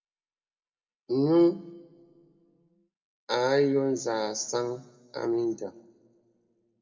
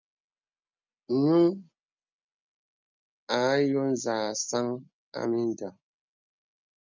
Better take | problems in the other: second | room echo; dies away in 0.9 s

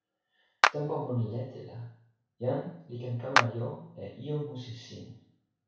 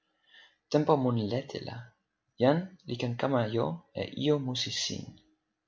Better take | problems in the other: second | background sound (Clapping); 4 dB above the speech // room echo; dies away in 0.6 s

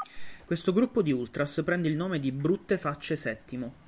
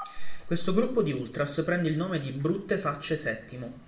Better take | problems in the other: first | room echo; dies away in 1 s

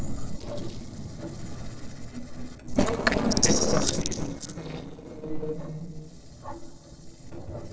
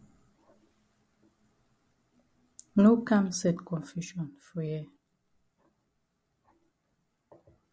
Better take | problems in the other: second | noise reduction (neural separator model SepFormer DNS4)

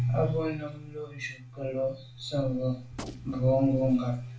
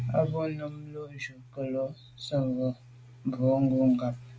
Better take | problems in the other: second | background sound (Gunshot, gunfire); 13 dB below the speech // room echo; dies away in 0.3 s

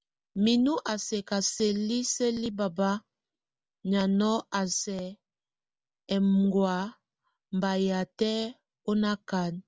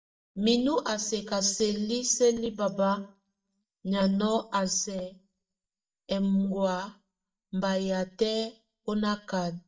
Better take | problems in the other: first | noise reduction (neural mask model DeepFilterNet 3)

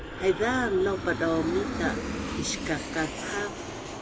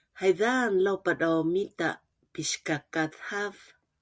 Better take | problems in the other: second | background sound (Aircraft); 4 dB below the speech

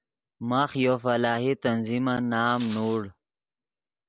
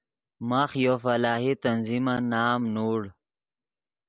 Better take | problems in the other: second | background sound (Rattle); 20 dB below the speech

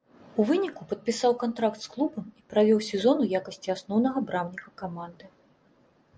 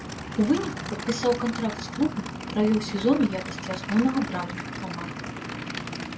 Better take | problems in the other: first | background sound (Idling / Aircraft); 7 dB below the speech // room echo; dies away in 0.2 s

